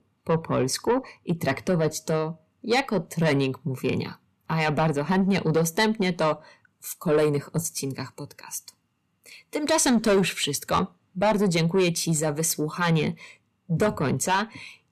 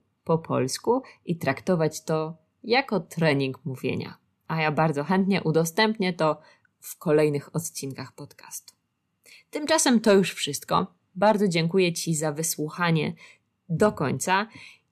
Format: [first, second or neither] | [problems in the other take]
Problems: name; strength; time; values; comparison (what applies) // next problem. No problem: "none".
second | distortion; slight; 10 dB below the speech